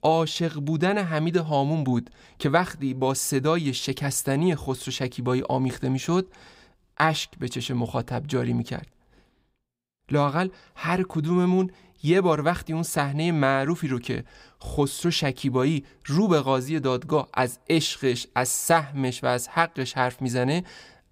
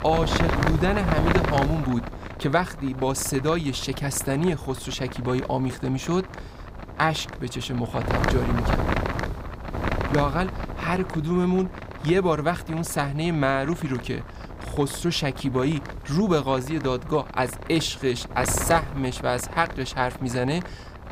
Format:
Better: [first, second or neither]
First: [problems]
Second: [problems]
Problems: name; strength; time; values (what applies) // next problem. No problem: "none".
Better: first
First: none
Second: wind noise on the microphone; heavy; 6 dB below the speech